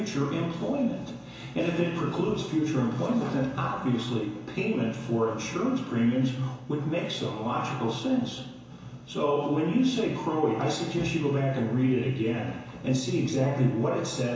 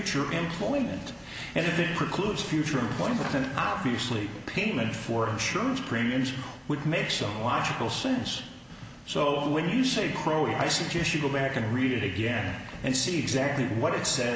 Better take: second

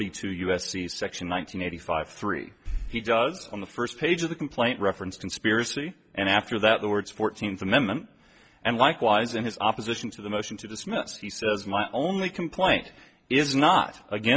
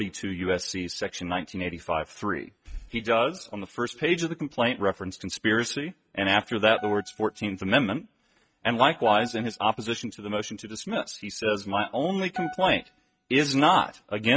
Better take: first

